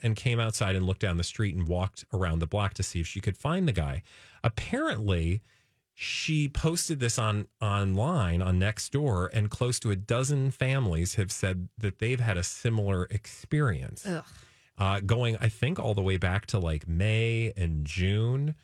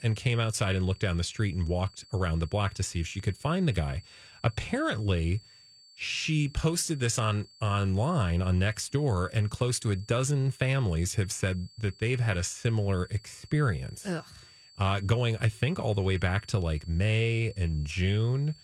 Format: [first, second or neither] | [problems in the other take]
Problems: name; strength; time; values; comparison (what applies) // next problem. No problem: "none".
first | high-pitched whine; faint; throughout; 4.5 kHz, 25 dB below the speech